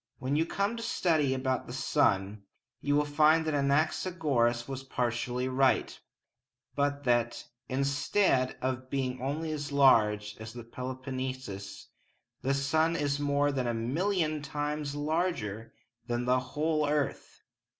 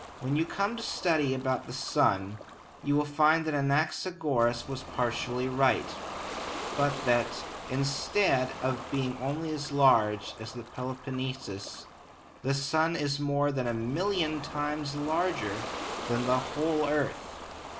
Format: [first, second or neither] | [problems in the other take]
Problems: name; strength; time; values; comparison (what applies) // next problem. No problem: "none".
first | background sound (Ocean); 11 dB below the speech